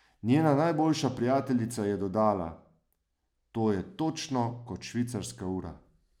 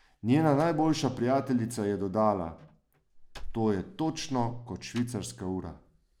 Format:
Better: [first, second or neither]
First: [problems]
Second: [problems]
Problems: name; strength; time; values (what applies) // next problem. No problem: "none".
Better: first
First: none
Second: background sound (Slam); 16 dB below the speech